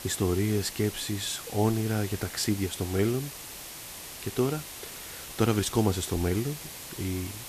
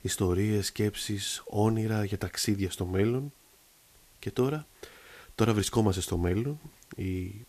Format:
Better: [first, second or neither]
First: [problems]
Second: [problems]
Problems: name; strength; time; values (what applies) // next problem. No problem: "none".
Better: second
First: hiss; loud; throughout; 10 dB below the speech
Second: hiss; faint; throughout; 30 dB below the speech